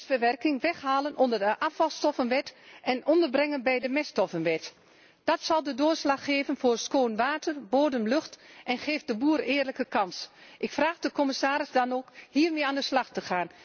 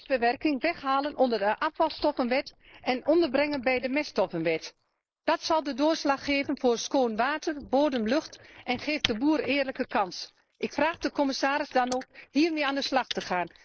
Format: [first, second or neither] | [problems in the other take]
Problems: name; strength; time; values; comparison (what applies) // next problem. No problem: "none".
first | noise reduction (neural mask model Resemble Enhance denoiser)